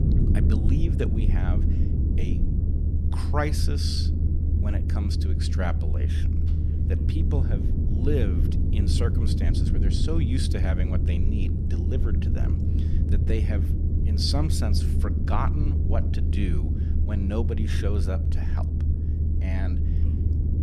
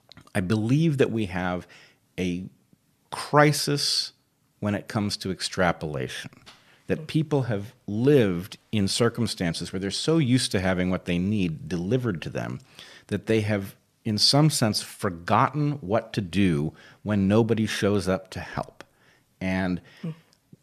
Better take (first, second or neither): second